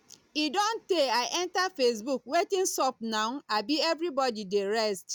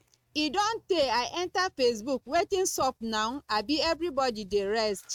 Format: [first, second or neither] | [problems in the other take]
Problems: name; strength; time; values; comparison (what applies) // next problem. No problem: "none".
first | noise reduction (neural mask model RNNoise)